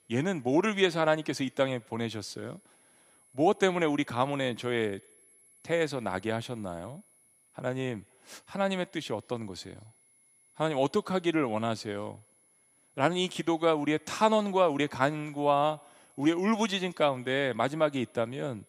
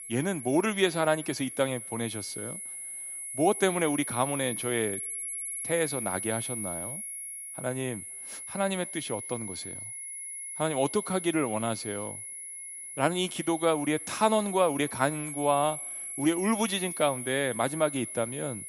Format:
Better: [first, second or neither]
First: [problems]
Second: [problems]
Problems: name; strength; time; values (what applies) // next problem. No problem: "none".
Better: first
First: high-pitched whine; faint; throughout; 11 kHz, 30 dB below the speech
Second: high-pitched whine; loud; throughout; 11 kHz, 6 dB below the speech